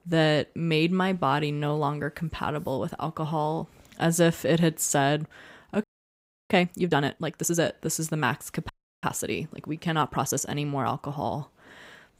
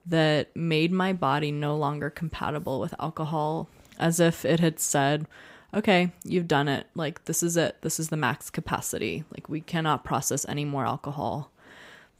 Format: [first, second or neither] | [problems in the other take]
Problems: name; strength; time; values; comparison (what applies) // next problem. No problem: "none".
second | audio freezing; at 6 s for 0.5 s and at 8.5 s